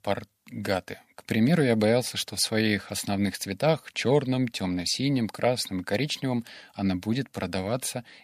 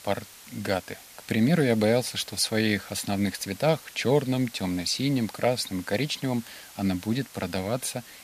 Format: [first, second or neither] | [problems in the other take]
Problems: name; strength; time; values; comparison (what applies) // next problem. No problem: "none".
first | hiss; noticeable; throughout; 20 dB below the speech